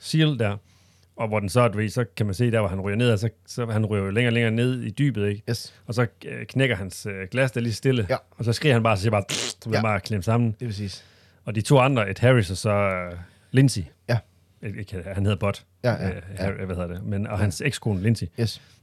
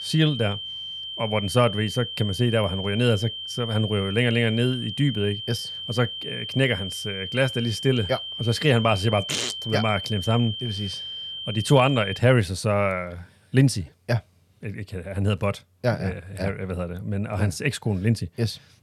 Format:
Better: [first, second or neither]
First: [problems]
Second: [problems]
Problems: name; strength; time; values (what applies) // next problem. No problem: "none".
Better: first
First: none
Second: high-pitched whine; loud; until 12 s; 3 kHz, 7 dB below the speech